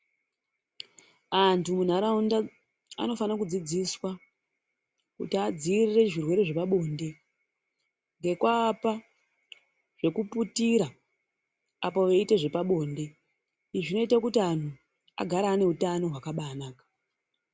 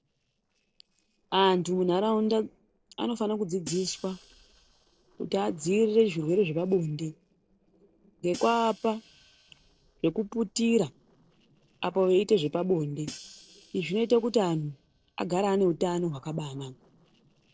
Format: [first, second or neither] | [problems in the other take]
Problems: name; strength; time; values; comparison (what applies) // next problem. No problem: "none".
first | noise reduction (neural separator model SepFormer DNS4)